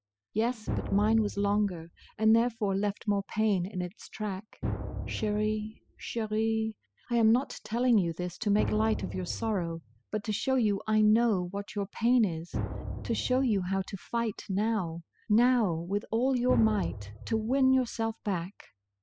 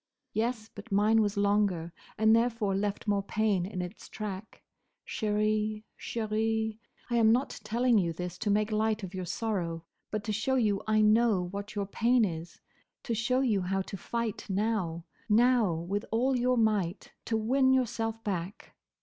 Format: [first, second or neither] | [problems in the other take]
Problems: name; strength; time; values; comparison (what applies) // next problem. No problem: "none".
second | noise reduction (classical method spectral subtraction)